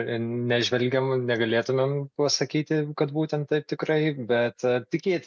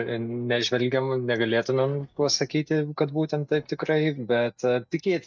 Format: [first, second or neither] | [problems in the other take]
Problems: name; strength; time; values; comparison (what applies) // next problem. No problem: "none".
first | noise reduction (neural mask model DeepFilterNet 3)